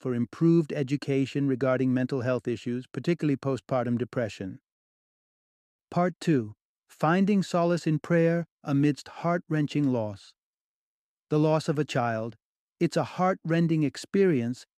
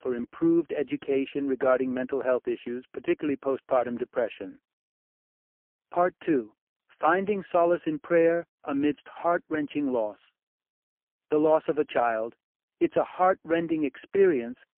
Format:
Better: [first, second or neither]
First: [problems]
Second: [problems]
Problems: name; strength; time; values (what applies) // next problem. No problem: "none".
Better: first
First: none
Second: phone-call audio; poor line